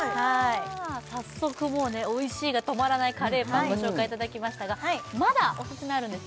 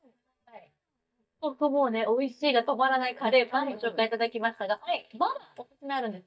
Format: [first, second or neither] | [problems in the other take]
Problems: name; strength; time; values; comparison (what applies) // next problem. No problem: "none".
first | noise reduction (neural mask model DeepFilterNet 3)